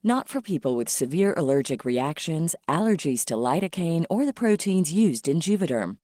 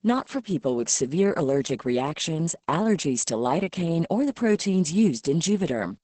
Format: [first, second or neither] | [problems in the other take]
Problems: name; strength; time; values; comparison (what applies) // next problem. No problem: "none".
first | garbled, watery; badly; nothing above 8 kHz; slightly in the first